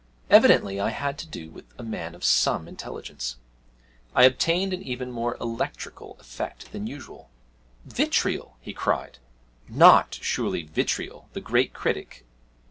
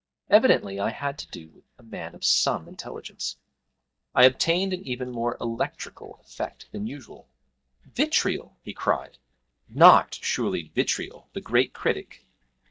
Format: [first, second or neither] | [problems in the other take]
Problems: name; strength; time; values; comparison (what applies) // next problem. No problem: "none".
first | noise reduction (neural mask model DeepFilterNet 3)